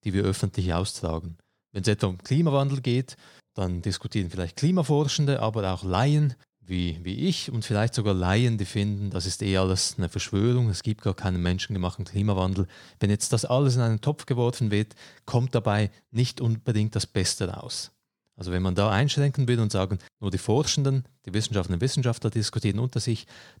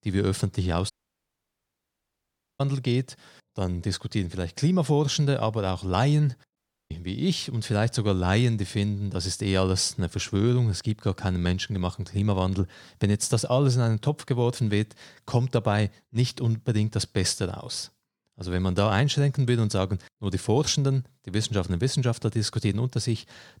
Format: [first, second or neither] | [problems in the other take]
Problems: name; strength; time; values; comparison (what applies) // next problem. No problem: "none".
first | audio cutting out; at 1 s for 1.5 s and at 6.5 s